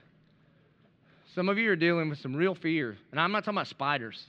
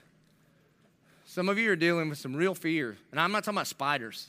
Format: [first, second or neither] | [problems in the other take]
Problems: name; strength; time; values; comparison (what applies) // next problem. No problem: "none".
second | muffled; very slightly; fading above 3.5 kHz